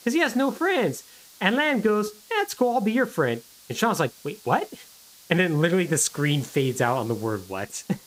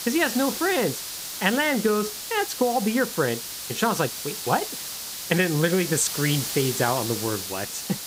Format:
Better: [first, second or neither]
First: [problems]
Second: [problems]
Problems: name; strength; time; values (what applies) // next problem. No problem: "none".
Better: first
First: hiss; faint; throughout; 20 dB below the speech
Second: hiss; loud; throughout; 6 dB below the speech